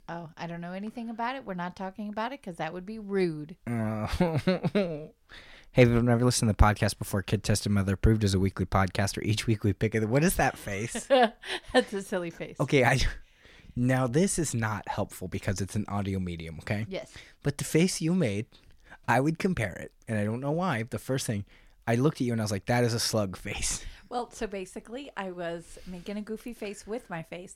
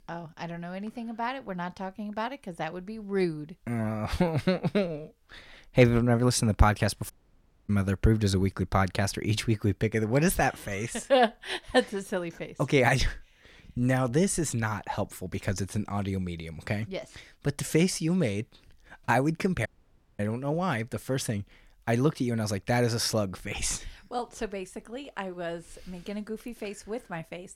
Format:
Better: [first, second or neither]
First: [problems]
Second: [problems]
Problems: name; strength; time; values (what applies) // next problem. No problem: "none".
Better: first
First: none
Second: audio cutting out; at 7 s for 0.5 s and at 20 s for 0.5 s